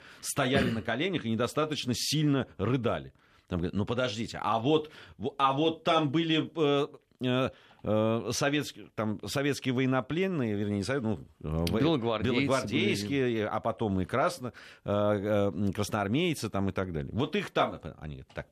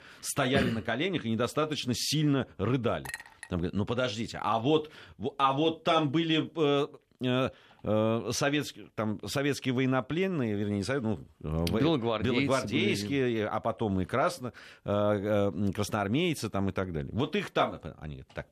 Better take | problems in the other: first | clattering dishes; faint; at 3 s; peak 10 dB below the speech

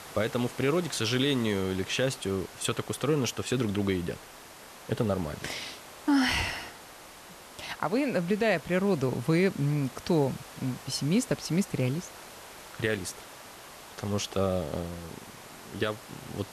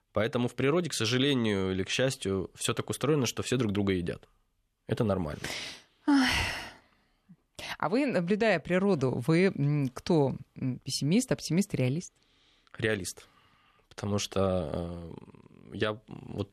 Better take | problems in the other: second | hiss; noticeable; throughout; 15 dB below the speech

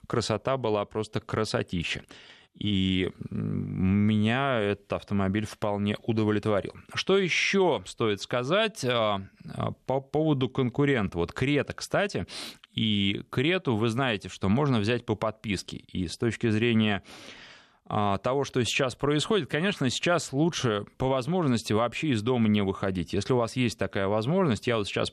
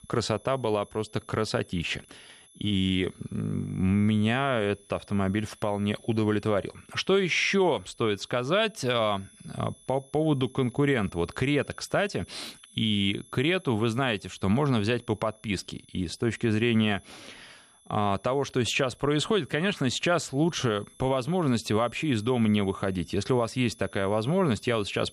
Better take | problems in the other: first | high-pitched whine; faint; throughout; 11 kHz, 25 dB below the speech

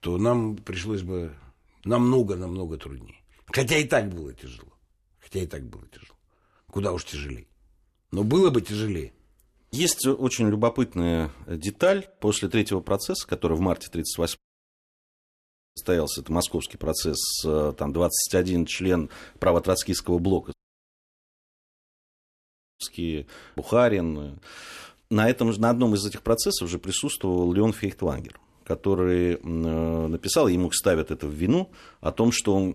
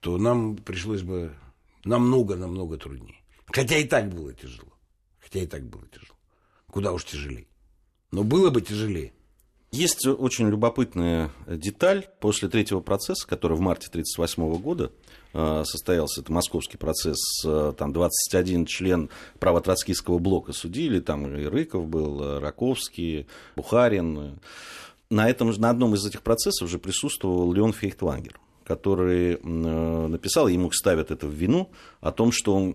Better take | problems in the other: second | audio cutting out; at 14 s for 1.5 s and at 21 s for 2.5 s

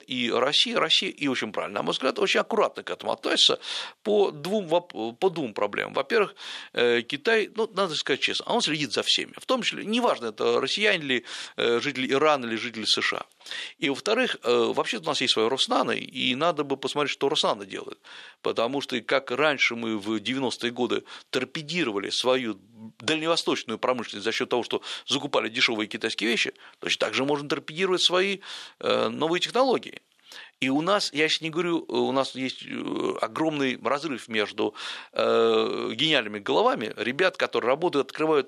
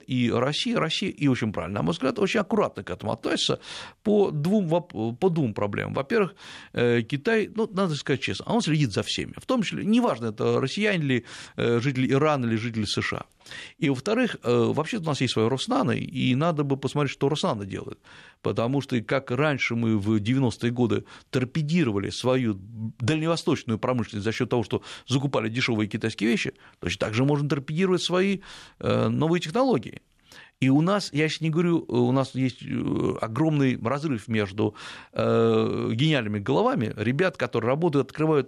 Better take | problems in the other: second | thin; somewhat; fading below 400 Hz

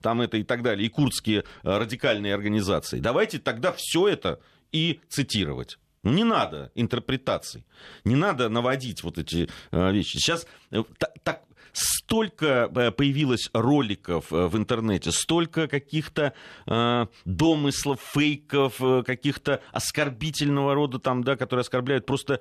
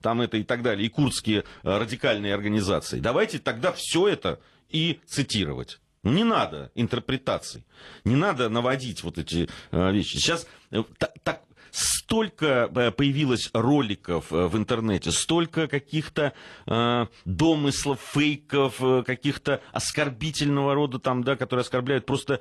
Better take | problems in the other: first | garbled, watery; slightly; nothing above 11.5 kHz

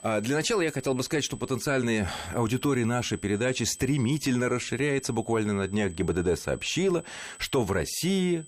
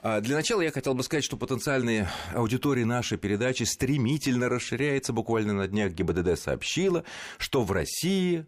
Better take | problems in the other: second | high-pitched whine; noticeable; throughout; 8 kHz, 20 dB below the speech

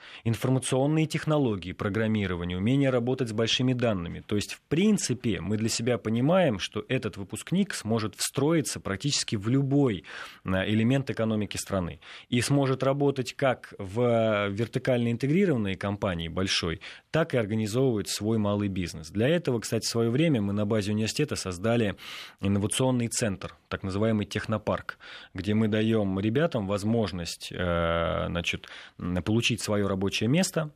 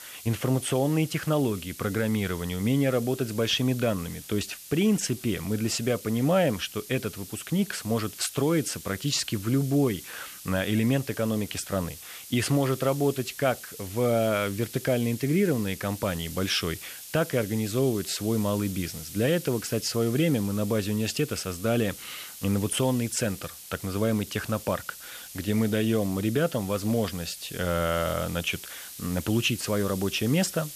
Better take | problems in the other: first | hiss; noticeable; throughout; 15 dB below the speech

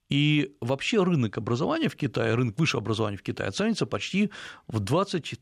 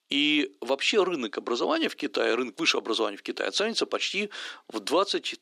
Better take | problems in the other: first | thin; somewhat; fading below 300 Hz

